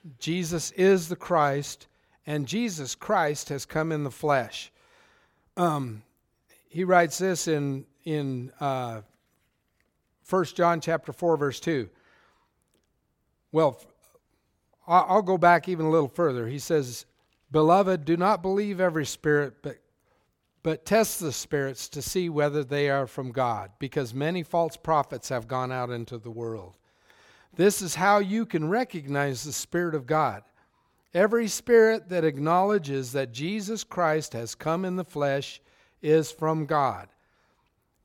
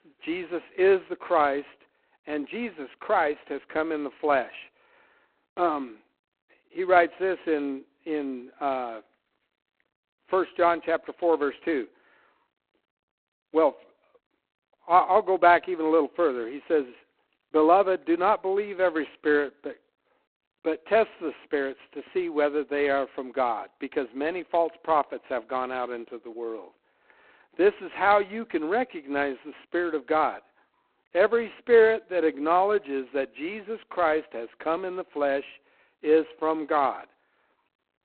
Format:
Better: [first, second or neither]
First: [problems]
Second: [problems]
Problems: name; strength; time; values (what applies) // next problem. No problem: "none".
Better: first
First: none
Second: phone-call audio; poor line; nothing above 4 kHz